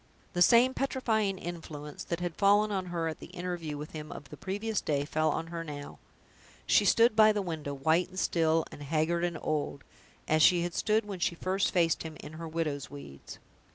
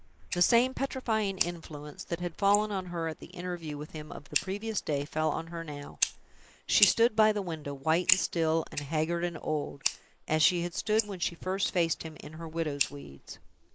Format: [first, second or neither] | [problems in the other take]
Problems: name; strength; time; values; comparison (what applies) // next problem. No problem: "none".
first | noise reduction (neural mask model Resemble Enhance denoiser)